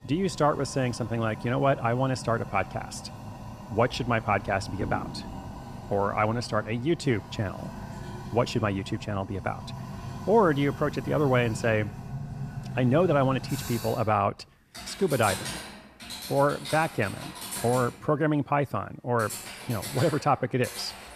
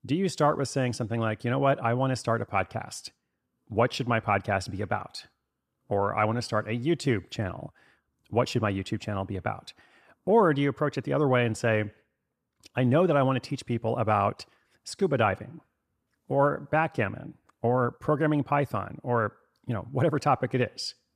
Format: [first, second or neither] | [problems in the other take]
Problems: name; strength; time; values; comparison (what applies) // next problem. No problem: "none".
second | household noises; noticeable; throughout; 10 dB below the speech